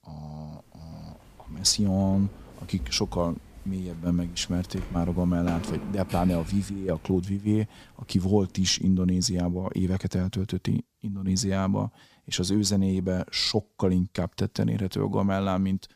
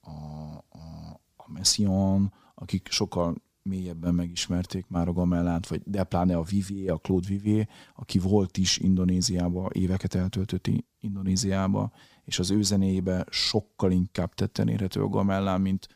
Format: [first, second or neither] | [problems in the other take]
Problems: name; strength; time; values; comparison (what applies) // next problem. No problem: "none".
second | footsteps; noticeable; from 1 to 8.5 s; peak 9 dB below the speech